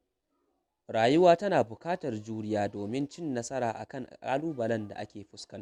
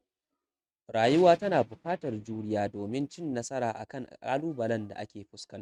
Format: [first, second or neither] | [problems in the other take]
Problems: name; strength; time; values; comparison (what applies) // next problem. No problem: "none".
first | noise reduction (neural mask model RNNoise)